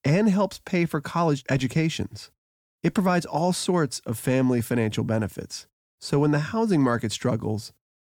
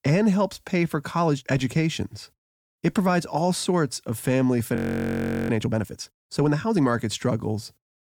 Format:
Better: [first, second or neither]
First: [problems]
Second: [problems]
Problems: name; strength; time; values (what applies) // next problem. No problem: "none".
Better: first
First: none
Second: audio freezing; at 5 s for 0.5 s